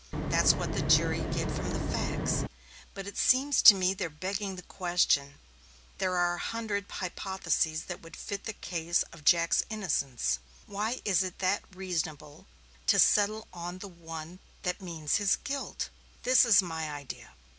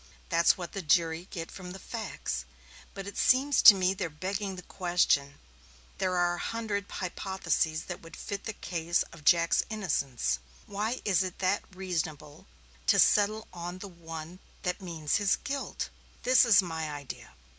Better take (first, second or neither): second